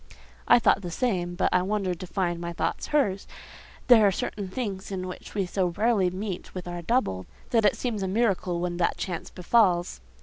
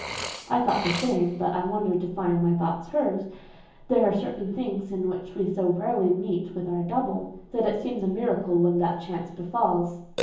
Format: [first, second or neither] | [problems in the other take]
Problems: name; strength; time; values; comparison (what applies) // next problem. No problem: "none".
first | background sound (Burping, eructation); 15 dB below the speech // room echo; dies away in 0.7 s